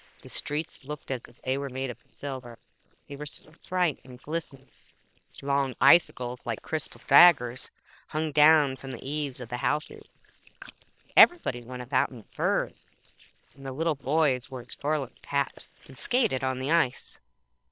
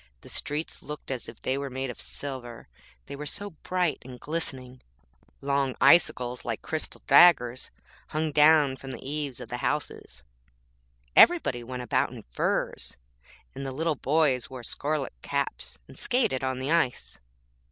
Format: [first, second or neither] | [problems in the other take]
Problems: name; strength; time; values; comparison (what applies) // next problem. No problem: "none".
second | noise reduction (neural separator model SepFormer WHAM!)